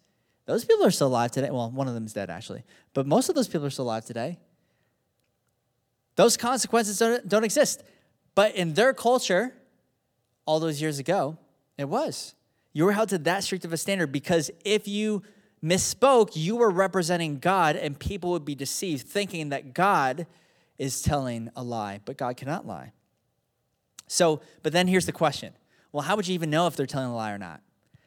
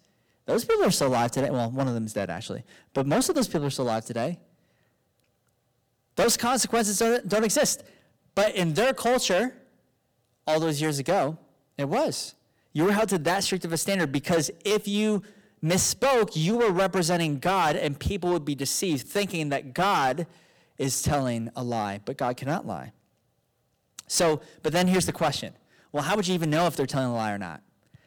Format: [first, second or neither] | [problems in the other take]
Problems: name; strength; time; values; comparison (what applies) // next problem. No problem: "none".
first | distortion; heavy; 9% of the sound clipped